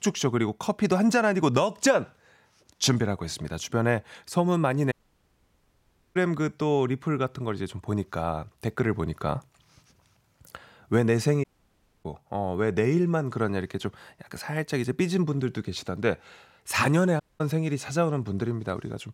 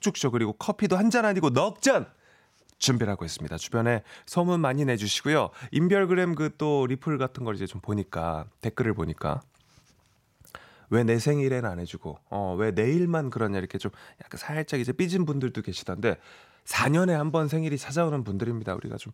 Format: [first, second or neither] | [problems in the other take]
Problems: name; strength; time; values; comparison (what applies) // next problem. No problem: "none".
second | audio cutting out; at 5 s for 1 s, at 11 s for 0.5 s and at 17 s